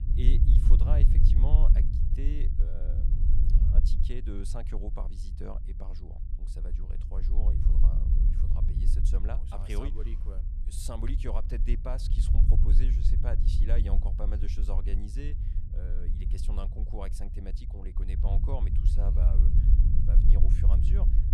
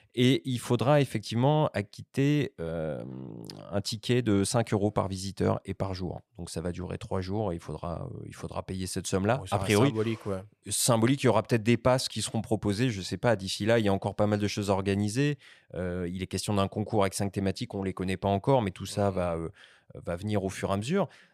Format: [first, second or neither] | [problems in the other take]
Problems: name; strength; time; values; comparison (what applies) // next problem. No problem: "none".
second | low rumble; loud; throughout; 2 dB below the speech